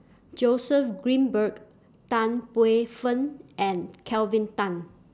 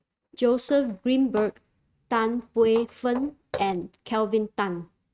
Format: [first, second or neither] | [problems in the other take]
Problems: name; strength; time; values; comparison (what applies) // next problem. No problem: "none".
first | noise reduction (neural mask model RNNoise)